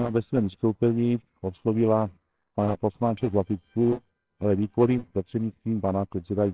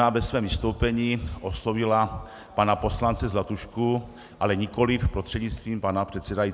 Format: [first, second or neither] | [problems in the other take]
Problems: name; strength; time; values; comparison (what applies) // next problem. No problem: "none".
second | noise reduction (neural separator model SepFormer WHAMR!)